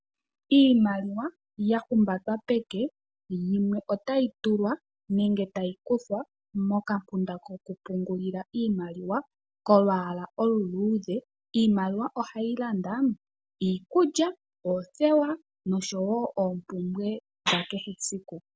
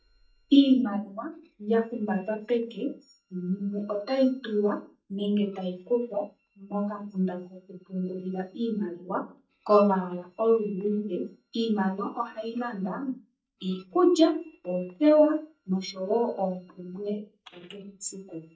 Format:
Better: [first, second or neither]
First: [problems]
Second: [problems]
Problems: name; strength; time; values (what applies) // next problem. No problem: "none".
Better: first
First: none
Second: noise reduction (neural mask model DeepFilterNet 3)